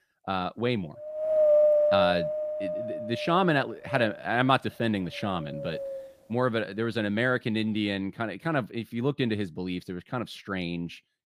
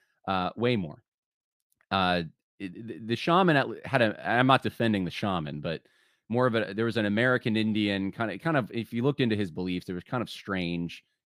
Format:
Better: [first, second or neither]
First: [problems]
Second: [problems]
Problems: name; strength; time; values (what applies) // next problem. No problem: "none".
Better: second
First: wind noise on the microphone; heavy; until 8 s; 3 dB above the speech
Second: none